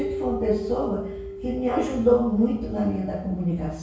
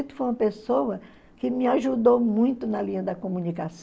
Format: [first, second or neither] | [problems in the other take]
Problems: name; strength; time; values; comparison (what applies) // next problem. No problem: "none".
second | background sound (Keyboard (musical)); 11 dB below the speech // room echo; dies away in 0.6 s